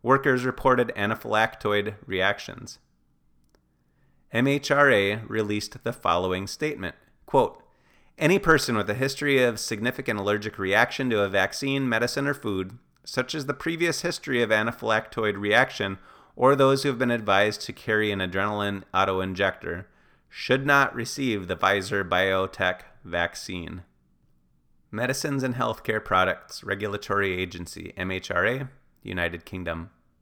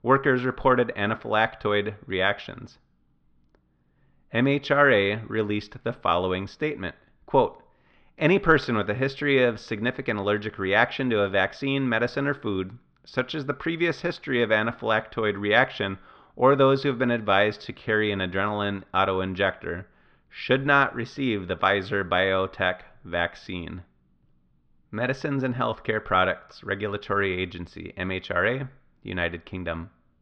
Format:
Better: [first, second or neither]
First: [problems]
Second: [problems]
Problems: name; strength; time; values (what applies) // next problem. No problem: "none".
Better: first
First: none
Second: muffled; slightly; fading above 3.5 kHz